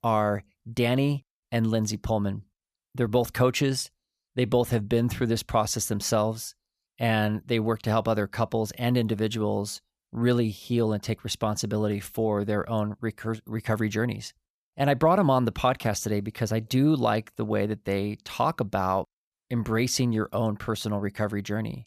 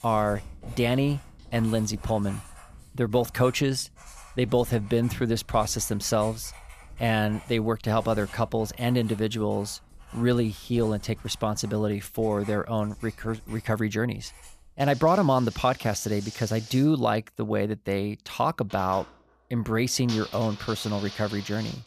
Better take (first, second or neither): first